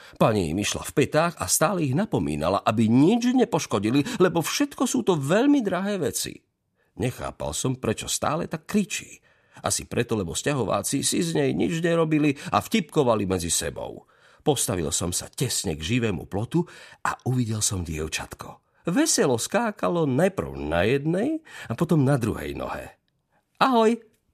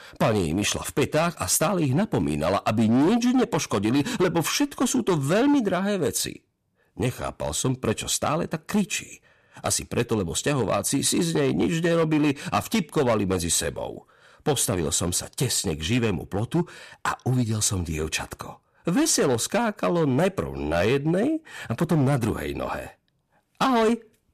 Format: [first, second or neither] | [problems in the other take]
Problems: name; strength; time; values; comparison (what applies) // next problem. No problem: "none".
first | distortion; slight; 8% of the sound clipped